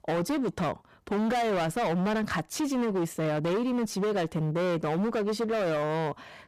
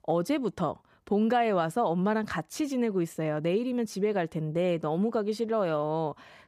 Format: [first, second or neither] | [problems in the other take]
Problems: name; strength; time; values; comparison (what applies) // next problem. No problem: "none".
second | distortion; heavy; 30% of the sound clipped